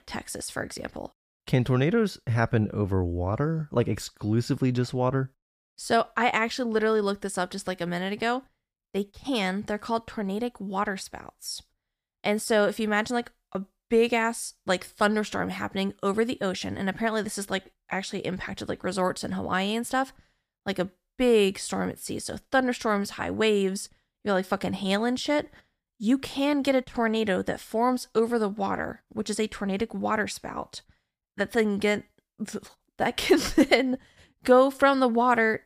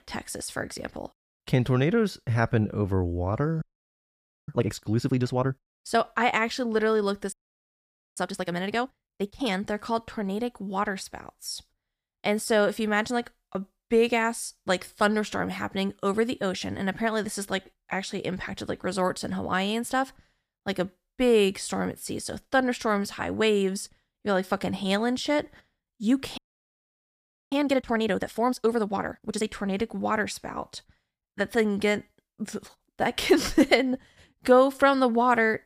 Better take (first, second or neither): first